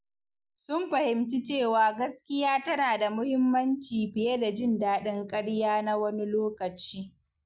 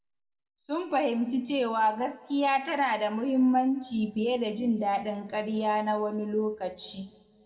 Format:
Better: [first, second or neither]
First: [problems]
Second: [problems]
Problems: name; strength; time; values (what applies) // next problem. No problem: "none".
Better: first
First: none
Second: room echo; dies away in 1.4 s